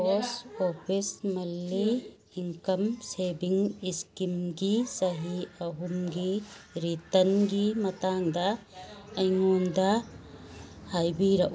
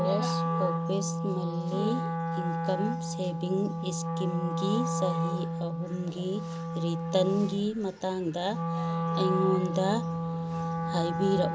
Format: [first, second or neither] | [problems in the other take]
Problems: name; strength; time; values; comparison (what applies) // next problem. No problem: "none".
first | background sound (Wind instrument, woodwind instrument); as loud as the speech